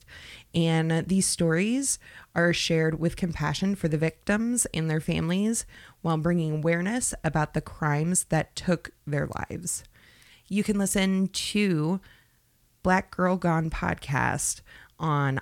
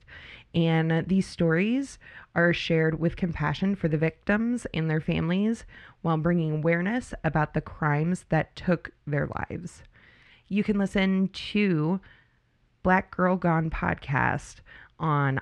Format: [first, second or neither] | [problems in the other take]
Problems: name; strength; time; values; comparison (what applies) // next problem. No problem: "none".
first | muffled; very; fading above 2.5 kHz